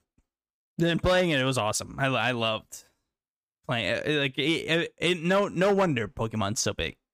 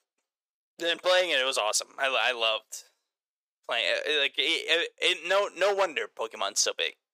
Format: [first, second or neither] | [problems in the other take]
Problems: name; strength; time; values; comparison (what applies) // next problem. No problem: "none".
first | thin; very; fading below 450 Hz